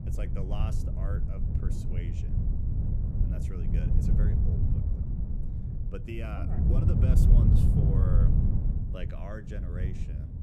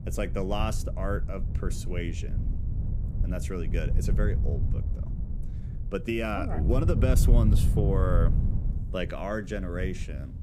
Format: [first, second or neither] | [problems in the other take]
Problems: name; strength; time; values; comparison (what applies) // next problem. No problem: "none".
second | wind noise on the microphone; heavy; 3 dB above the speech; occasional gusts in the second